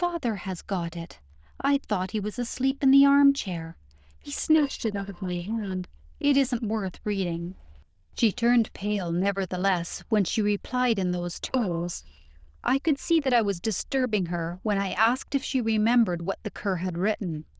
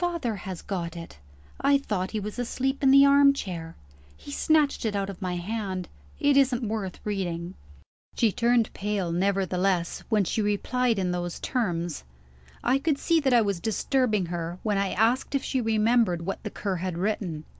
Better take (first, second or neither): second